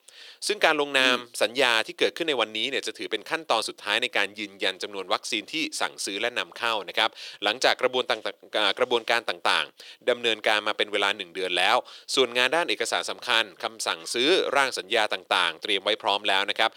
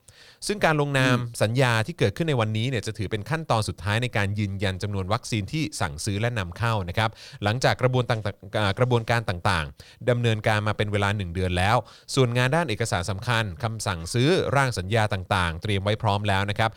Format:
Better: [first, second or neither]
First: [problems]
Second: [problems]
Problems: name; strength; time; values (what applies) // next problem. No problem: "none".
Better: second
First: thin; very; fading below 350 Hz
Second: none